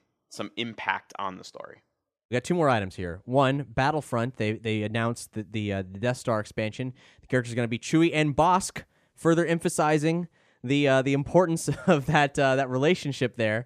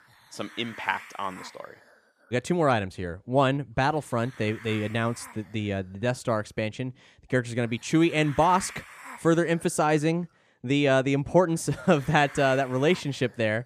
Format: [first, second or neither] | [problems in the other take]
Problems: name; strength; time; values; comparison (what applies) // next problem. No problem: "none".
first | hiss; noticeable; throughout; 20 dB below the speech